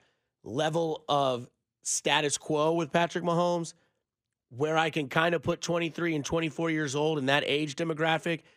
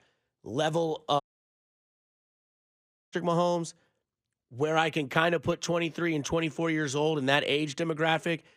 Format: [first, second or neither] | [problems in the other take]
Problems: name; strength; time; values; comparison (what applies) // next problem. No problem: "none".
first | audio cutting out; at 1 s for 2 s